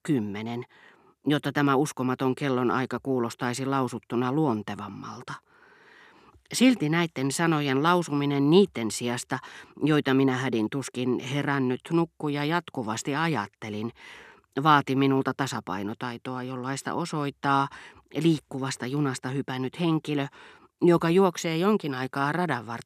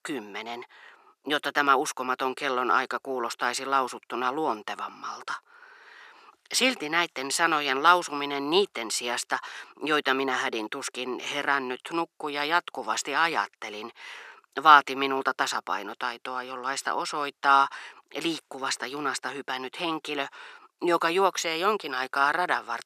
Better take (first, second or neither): first